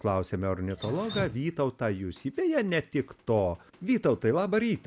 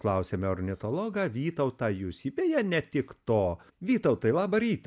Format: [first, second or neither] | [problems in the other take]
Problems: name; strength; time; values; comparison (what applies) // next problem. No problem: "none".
second | background sound (Drip); 17 dB below the speech